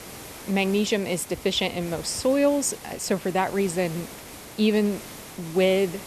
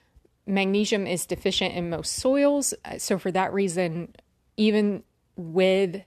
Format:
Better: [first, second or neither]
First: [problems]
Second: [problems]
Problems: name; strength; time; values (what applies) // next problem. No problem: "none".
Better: second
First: hiss; noticeable; throughout; 15 dB below the speech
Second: none